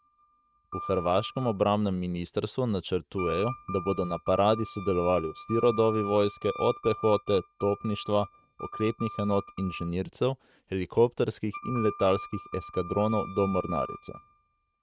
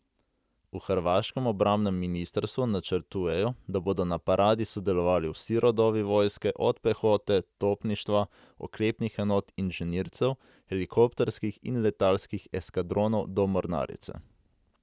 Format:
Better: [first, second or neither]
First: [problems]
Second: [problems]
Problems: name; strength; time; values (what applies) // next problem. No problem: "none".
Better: second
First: noise reduction (neural mask model RNNoise)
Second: none